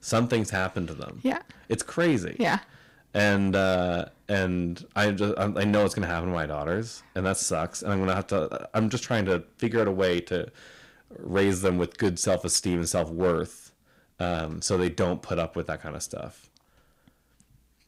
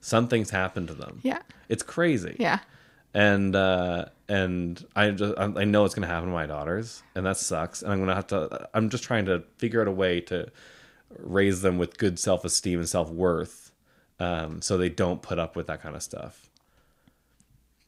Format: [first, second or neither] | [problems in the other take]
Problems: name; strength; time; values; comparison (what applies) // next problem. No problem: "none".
second | distortion; slight; 4% of the sound clipped